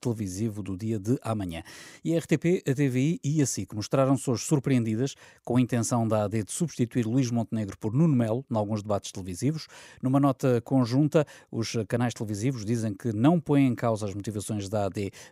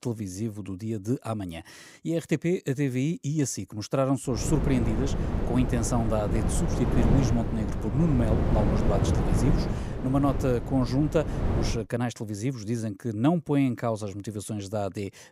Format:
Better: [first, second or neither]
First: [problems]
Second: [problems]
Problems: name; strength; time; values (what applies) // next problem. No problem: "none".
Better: first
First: none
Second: wind noise on the microphone; heavy; from 4.5 to 12 s; 3 dB below the speech